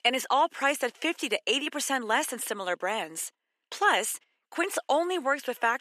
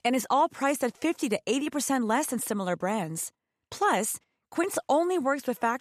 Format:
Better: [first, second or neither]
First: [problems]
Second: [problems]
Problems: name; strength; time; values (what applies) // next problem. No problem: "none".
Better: second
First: thin; somewhat; fading below 350 Hz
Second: none